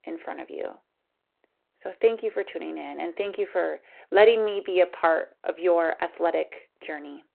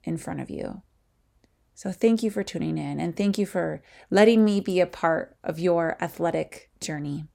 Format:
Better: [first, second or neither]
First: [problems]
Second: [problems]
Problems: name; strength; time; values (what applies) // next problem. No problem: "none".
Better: second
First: phone-call audio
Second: none